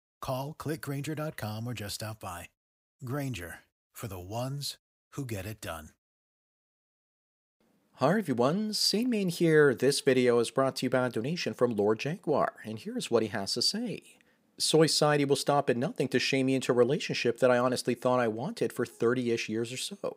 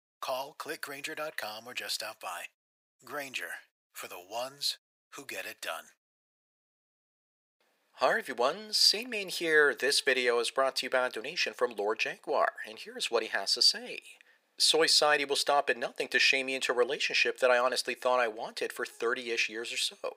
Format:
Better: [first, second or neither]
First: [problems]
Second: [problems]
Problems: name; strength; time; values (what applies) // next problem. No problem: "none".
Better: first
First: none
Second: thin; very; fading below 650 Hz